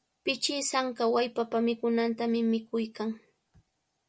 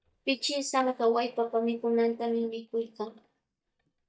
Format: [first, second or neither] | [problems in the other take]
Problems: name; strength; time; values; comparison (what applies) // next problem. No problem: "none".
first | noise reduction (neural mask model DeepFilterNet 3)